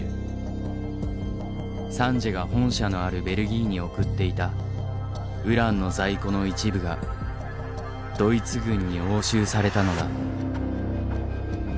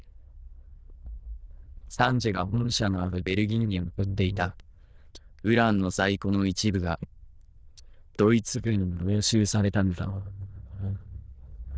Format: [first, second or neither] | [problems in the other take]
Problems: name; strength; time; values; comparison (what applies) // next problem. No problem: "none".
first | noise reduction (neural diffusion model UNIVERSE++)